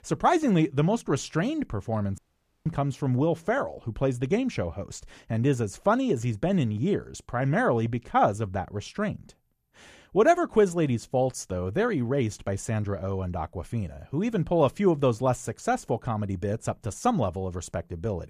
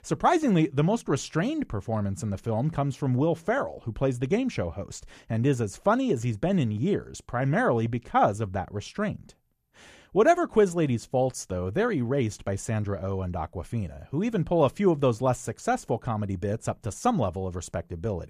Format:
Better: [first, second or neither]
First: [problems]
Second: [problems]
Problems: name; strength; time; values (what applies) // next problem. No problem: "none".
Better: second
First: audio cutting out; at 2 s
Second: none